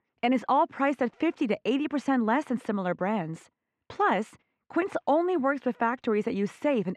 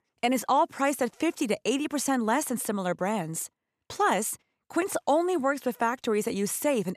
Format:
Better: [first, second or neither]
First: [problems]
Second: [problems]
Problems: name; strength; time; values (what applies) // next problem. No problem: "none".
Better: second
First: muffled; very; fading above 2.5 kHz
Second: none